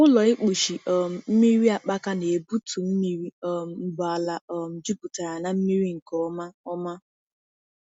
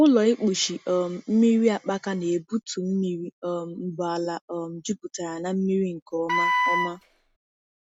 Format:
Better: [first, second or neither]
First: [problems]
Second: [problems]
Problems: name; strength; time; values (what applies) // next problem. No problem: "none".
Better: first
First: none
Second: background sound (Wind instrument, woodwind instrument); as loud as the speech